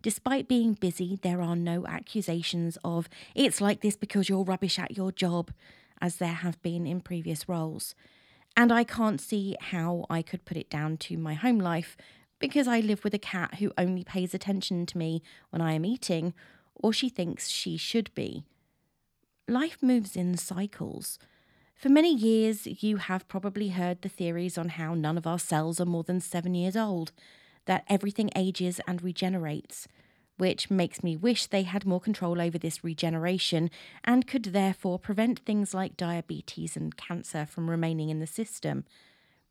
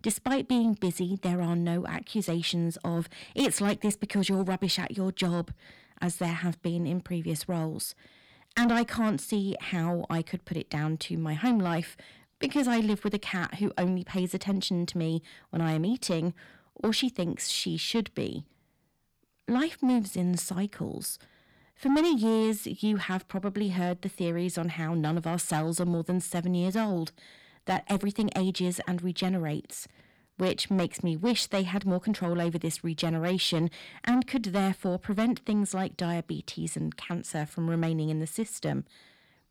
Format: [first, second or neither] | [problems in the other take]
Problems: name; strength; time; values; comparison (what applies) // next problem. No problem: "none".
first | distortion; slight; 10 dB below the speech